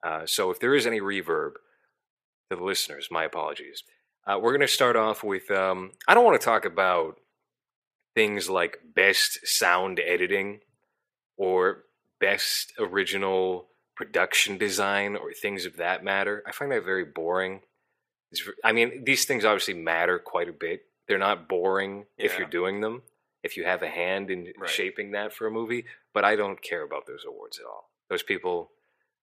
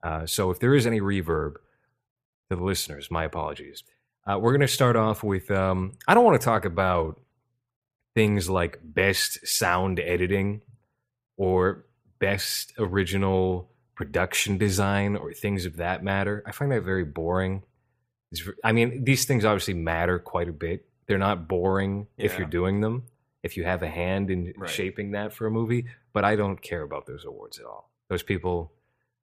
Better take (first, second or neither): second